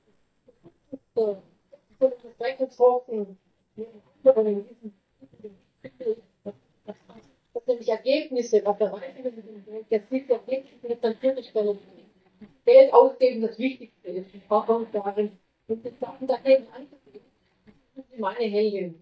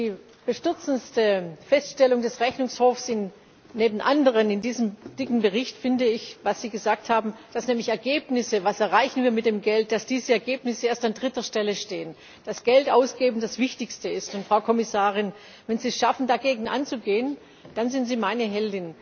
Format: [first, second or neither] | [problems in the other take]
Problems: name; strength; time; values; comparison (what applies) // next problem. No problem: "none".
second | noise reduction (neural mask model DeepFilterNet 3)